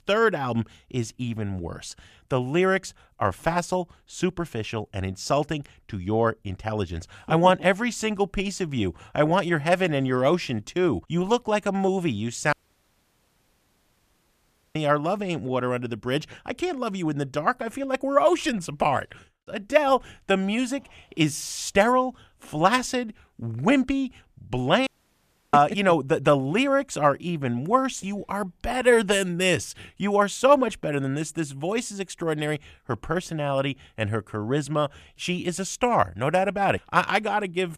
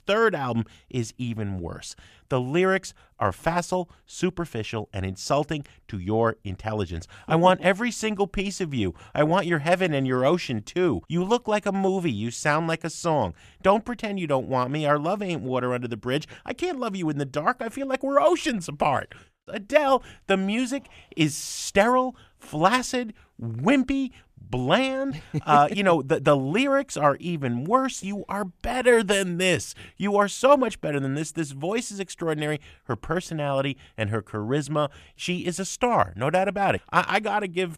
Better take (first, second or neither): second